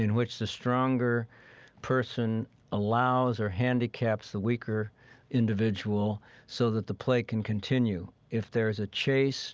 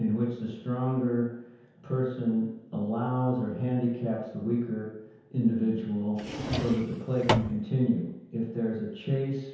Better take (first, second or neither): first